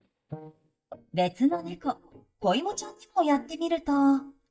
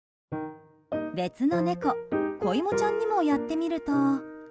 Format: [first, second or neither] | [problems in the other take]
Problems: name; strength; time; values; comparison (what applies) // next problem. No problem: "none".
second | noise reduction (neural mask model DeepFilterNet 3)